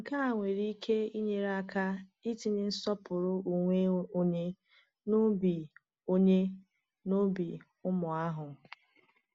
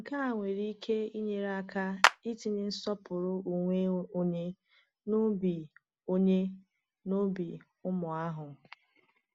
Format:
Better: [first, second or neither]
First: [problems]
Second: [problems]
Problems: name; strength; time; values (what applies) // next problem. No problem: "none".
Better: first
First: none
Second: background sound (Clapping); 1 dB above the speech